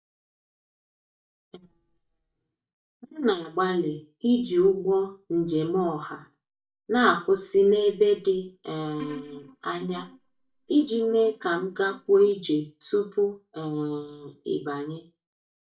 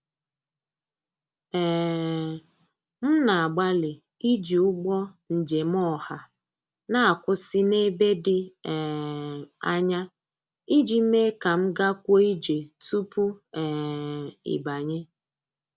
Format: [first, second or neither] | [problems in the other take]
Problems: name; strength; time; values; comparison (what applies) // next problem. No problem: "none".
second | noise reduction (neural mask model DeepFilterNet 3)